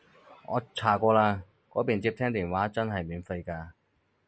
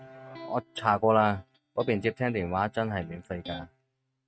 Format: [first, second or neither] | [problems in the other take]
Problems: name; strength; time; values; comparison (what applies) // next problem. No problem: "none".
first | noise reduction (neural mask model RNNoise)